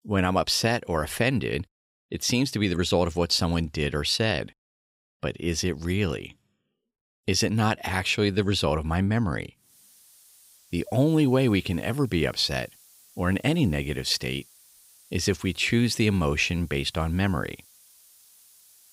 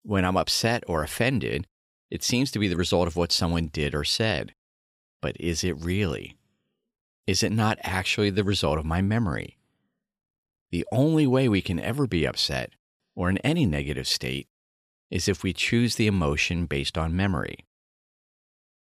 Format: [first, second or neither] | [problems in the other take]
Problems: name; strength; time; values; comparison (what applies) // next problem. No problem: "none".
second | hiss; faint; from 9.5 s on; 25 dB below the speech